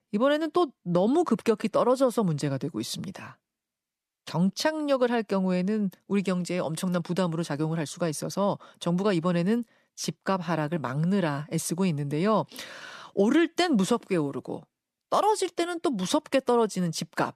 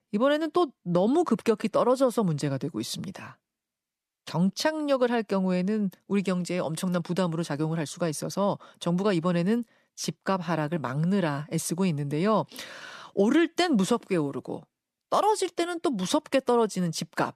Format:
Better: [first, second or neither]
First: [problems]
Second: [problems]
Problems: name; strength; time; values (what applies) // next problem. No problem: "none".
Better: neither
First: none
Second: none